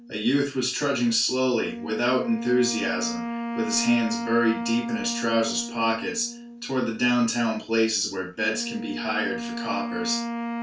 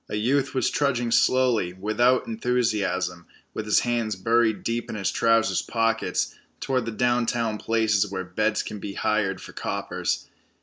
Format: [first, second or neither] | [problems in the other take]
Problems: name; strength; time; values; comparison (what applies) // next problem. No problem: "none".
second | background sound (Wind instrument, woodwind instrument); 7 dB below the speech // room echo; dies away in 0.2 s